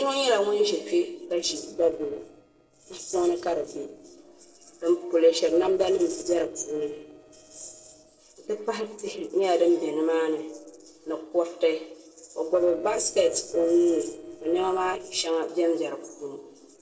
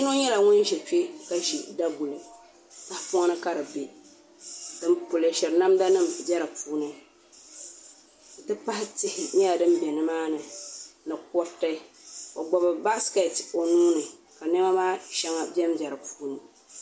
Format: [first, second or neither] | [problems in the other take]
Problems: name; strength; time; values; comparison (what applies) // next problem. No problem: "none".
second | noise reduction (neural separator model SepFormer DNS4)